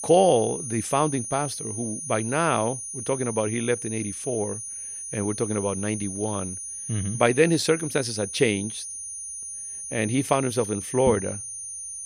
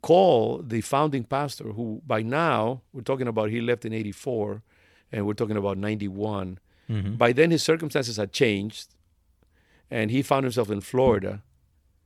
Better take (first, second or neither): second